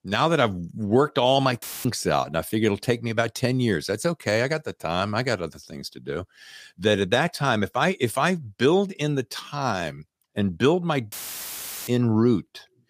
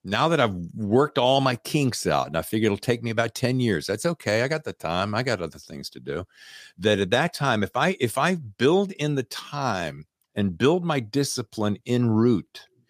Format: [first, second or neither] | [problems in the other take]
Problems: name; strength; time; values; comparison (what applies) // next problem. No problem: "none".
second | audio cutting out; filled with static; at 1.5 s and at 11 s for 1 s